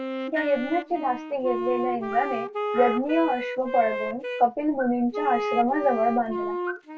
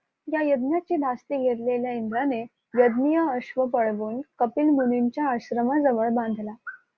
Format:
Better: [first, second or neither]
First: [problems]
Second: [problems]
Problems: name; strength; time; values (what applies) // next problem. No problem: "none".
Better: second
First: background sound (Wind instrument, woodwind instrument); 5 dB below the speech // room echo; dies away in 0.2 s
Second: none